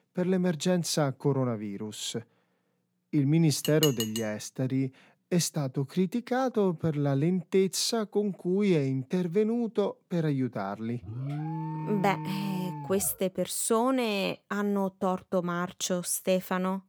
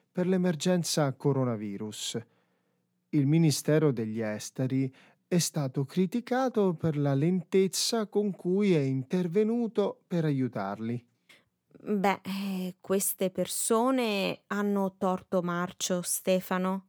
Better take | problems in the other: second | clattering dishes; noticeable; at 3.5 s; peak 1 dB below the speech // alarm; noticeable; from 11 to 13 s; peak 5 dB below the speech

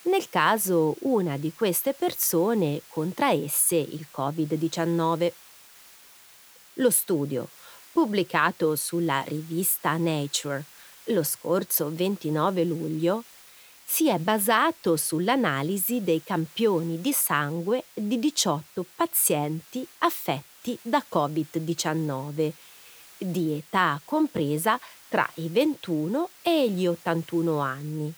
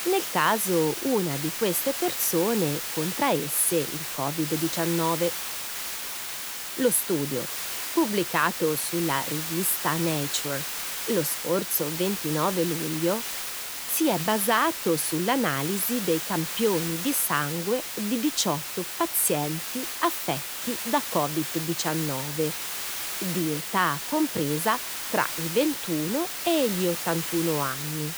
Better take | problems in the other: first | hiss; loud; throughout; 4 dB below the speech; faint in the first

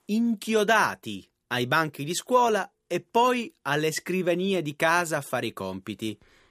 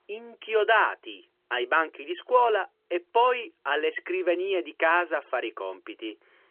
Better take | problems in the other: first | phone-call audio; nothing above 3 kHz

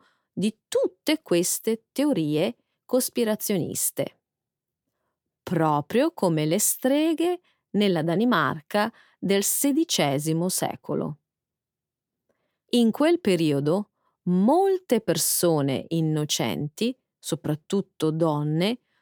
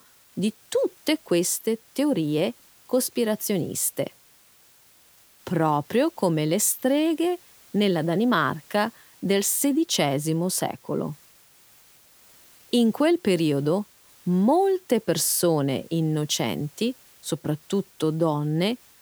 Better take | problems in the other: first | hiss; faint; throughout; 25 dB below the speech

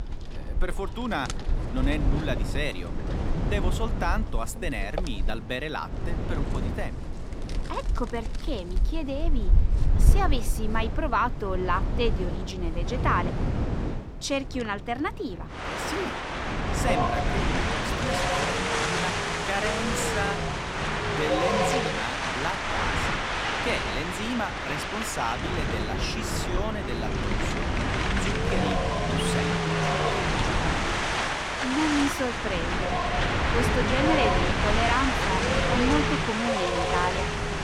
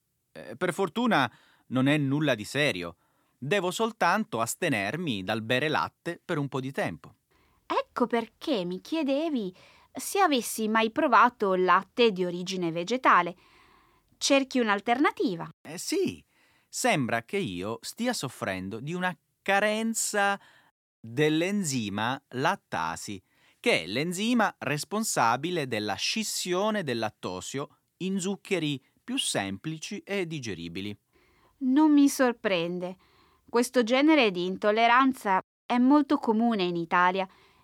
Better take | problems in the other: second | wind in the background; very loud; throughout; 4 dB above the speech

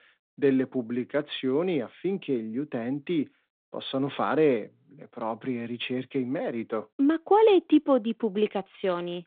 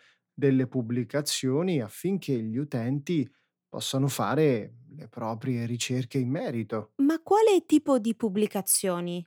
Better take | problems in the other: second | phone-call audio; nothing above 3.5 kHz

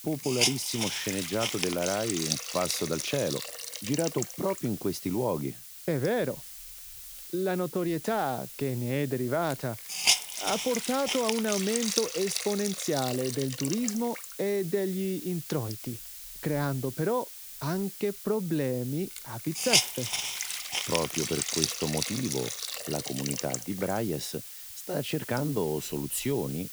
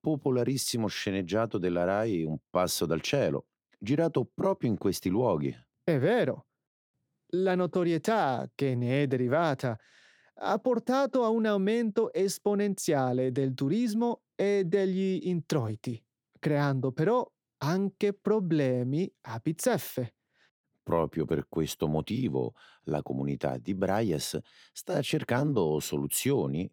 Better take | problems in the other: second | hiss; loud; throughout; 1 dB below the speech

